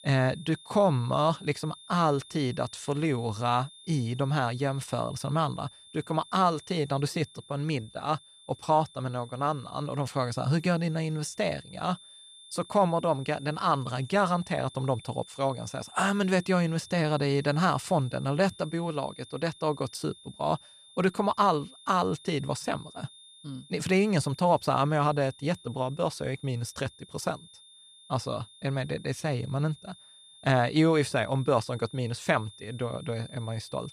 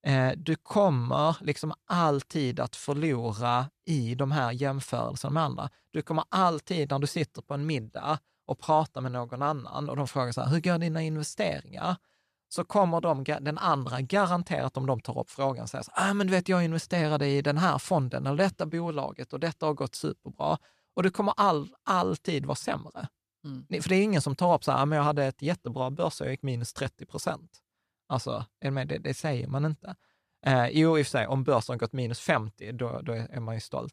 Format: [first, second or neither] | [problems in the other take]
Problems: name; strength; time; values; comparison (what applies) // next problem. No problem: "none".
second | high-pitched whine; faint; throughout; 3.5 kHz, 20 dB below the speech